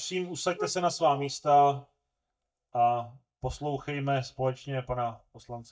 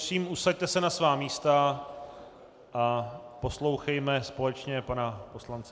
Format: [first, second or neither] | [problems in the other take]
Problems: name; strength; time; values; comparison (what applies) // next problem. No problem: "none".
second | noise reduction (neural mask model DeepFilterNet 3)